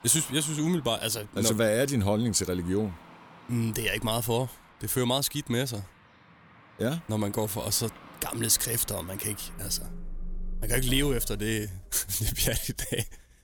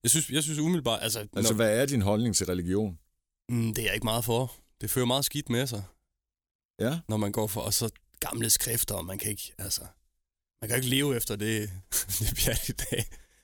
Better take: second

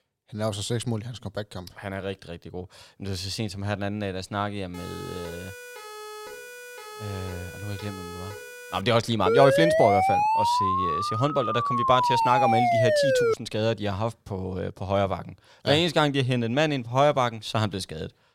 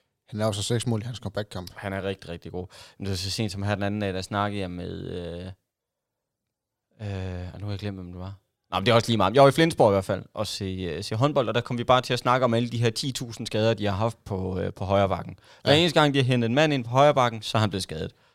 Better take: second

